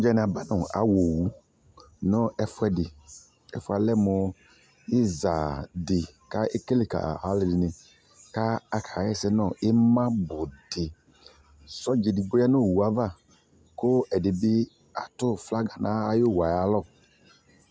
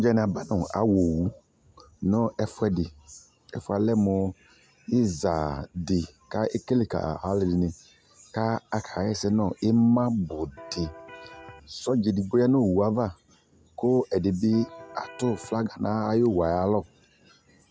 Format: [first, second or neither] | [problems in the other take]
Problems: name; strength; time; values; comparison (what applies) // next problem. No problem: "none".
first | background sound (Electric guitar); 18 dB below the speech